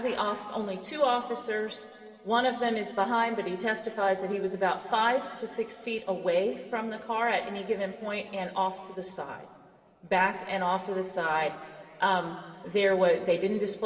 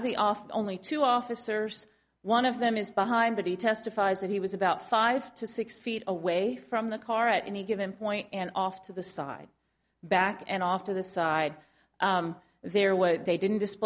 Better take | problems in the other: second | room echo; dies away in 2.5 s

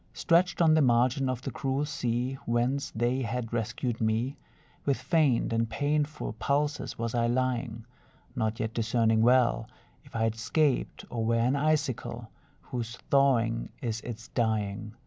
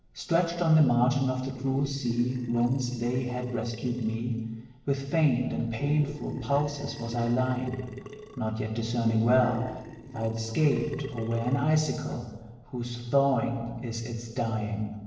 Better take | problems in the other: first | noise reduction (neural separator model SepFormer DNS4)

